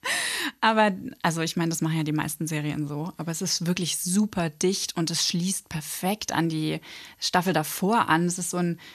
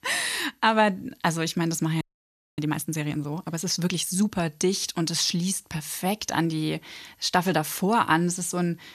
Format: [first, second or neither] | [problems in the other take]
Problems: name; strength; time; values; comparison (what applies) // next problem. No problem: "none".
first | audio freezing; at 2 s for 0.5 s